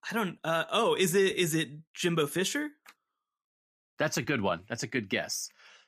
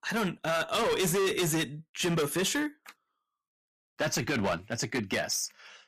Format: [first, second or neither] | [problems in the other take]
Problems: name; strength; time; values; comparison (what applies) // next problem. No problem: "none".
first | distortion; heavy; 14% of the sound clipped